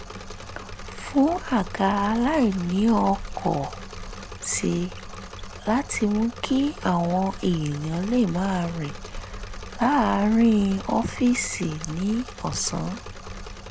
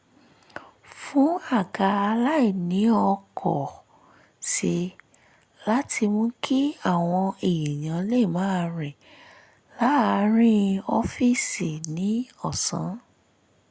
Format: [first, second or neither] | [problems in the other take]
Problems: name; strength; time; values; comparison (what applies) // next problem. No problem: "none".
second | background sound (Engine / Mechanisms + Gull, seagull); 12 dB below the speech